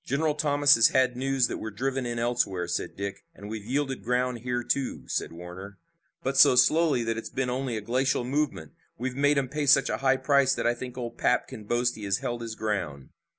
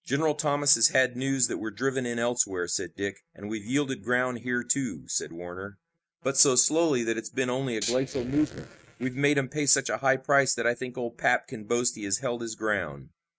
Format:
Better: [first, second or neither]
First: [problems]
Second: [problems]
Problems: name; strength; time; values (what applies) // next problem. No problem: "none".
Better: first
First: none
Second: noise reduction (neural mask model RNNoise)